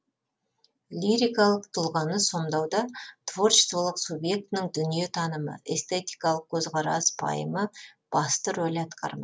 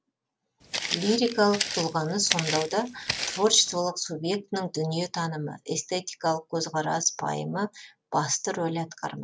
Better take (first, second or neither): first